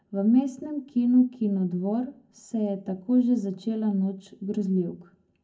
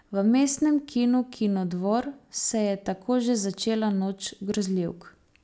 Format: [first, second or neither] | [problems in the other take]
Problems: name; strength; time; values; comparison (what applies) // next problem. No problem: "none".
second | room echo; dies away in 0.3 s